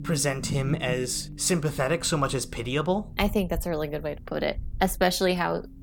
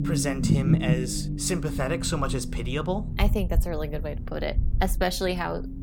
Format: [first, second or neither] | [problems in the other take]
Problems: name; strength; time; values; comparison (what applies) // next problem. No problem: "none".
first | low rumble; loud; throughout; 8 dB below the speech; faint in the first